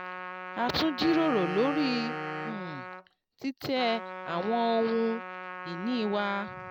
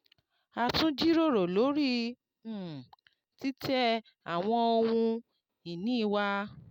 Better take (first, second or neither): second